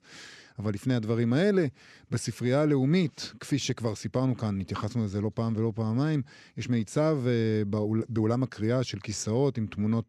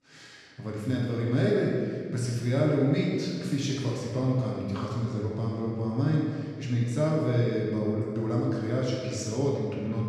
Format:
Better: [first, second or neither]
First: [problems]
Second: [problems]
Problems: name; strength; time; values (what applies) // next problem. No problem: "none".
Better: first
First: none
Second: room echo; strong; dies away in 1.6 s // off-mic speech; far